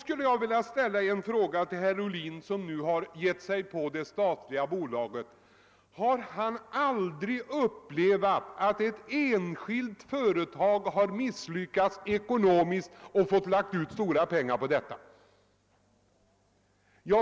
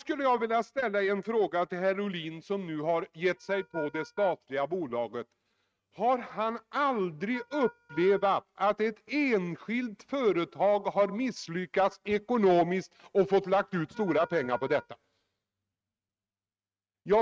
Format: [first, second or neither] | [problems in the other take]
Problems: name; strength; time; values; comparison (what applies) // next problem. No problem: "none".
first | noise reduction (neural mask model RNNoise)